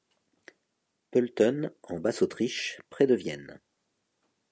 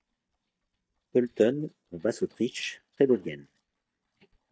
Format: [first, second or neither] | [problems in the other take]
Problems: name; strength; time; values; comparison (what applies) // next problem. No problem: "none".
first | noise reduction (neural mask model DeepFilterNet 3)